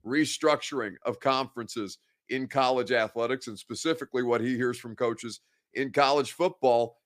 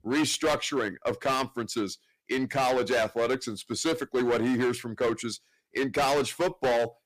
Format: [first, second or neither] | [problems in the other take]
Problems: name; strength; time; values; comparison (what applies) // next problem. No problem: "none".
first | distortion; heavy; 14% of the sound clipped